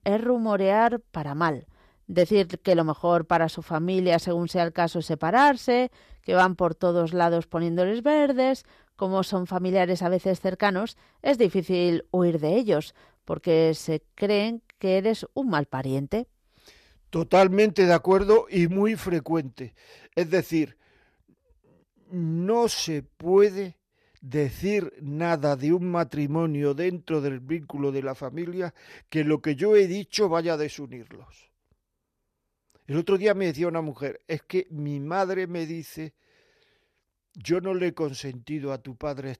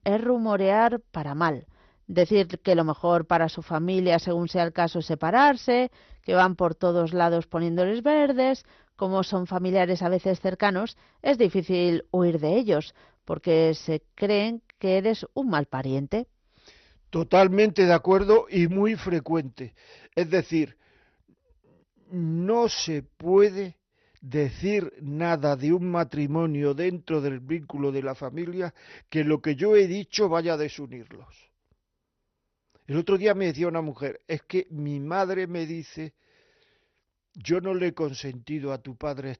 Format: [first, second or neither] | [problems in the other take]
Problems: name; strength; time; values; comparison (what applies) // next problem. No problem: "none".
first | garbled, watery; slightly; nothing above 6 kHz